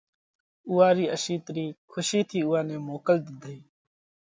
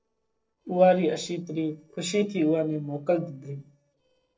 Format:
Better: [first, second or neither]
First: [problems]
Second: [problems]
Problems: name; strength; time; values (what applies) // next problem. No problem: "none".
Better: first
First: none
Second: noise reduction (neural separator model SepFormer DNS4)